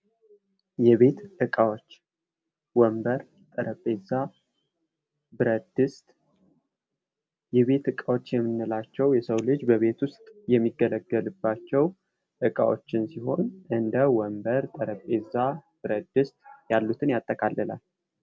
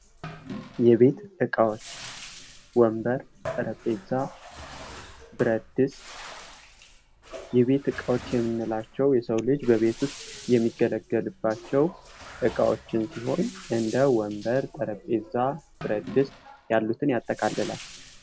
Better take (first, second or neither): first